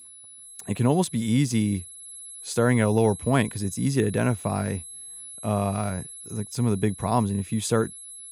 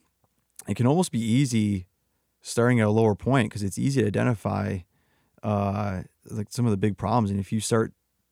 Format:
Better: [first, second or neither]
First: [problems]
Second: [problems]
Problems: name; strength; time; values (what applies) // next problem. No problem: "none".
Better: second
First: high-pitched whine; noticeable; throughout; 11 kHz, 15 dB below the speech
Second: none